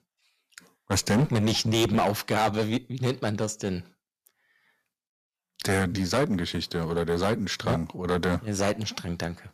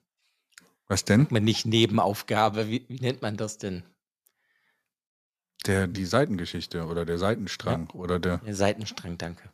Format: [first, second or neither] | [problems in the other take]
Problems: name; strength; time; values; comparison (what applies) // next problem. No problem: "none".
second | distortion; heavy; 7% of the sound clipped